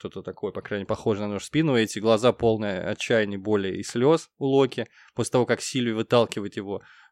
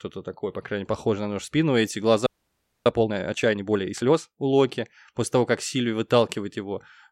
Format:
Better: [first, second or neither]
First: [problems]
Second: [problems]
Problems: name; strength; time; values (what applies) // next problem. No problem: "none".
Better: first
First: none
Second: audio freezing; at 2.5 s for 0.5 s